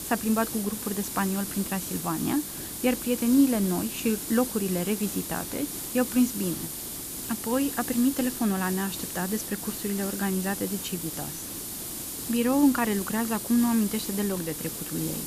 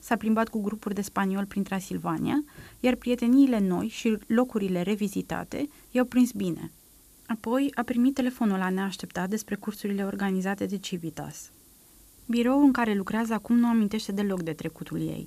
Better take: second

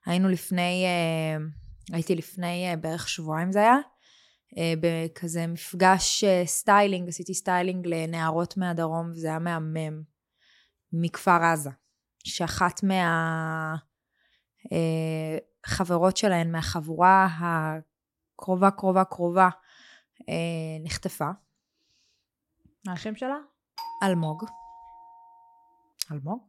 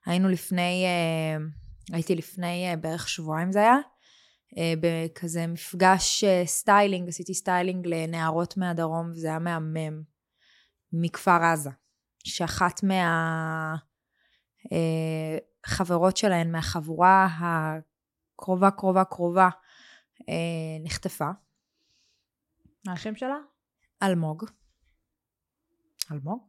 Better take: second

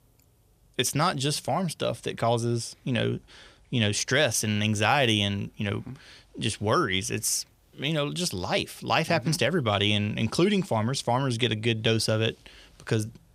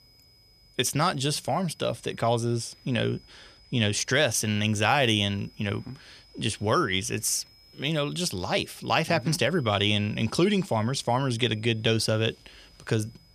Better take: first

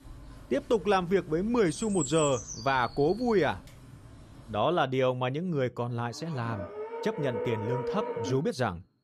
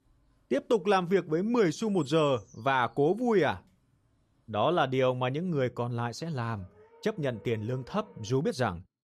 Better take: second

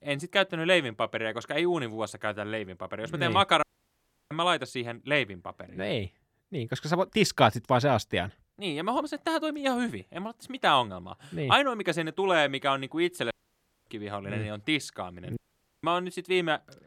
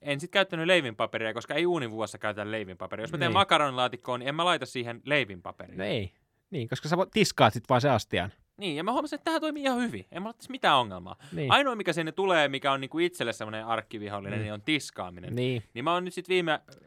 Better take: second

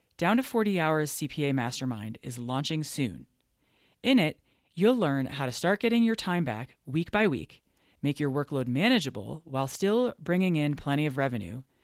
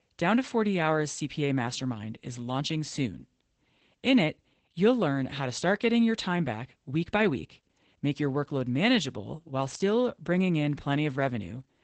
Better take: first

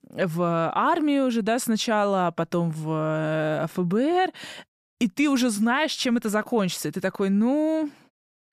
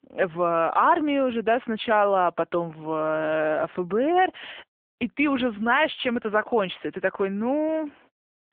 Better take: first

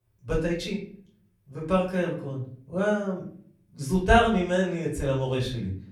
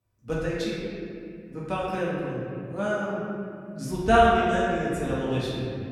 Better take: first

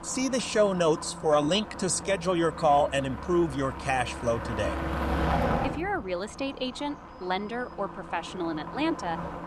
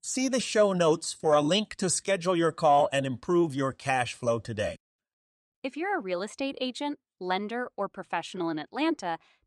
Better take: second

